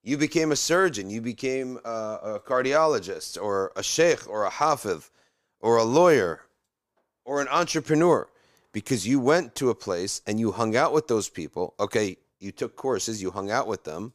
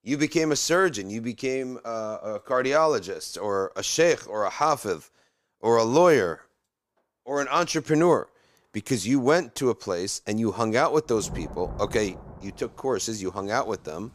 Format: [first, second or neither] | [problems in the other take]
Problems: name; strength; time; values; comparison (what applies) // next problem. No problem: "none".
first | rain or running water; noticeable; from 11 s on; 15 dB below the speech